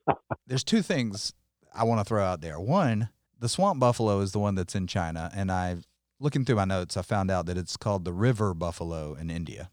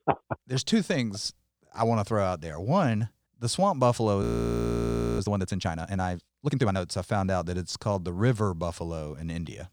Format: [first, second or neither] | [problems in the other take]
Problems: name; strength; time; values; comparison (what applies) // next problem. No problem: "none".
first | audio freezing; at 4 s for 1 s